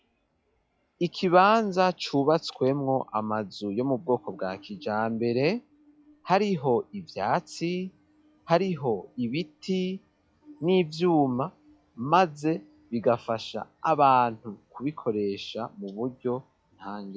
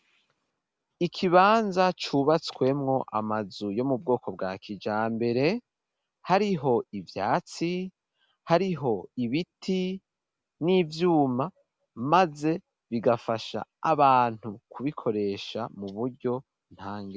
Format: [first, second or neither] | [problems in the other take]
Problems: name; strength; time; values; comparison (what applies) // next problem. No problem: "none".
second | noise reduction (classical method log-MMSE)